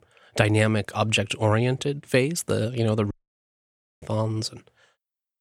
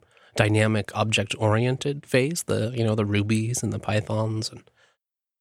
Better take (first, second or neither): second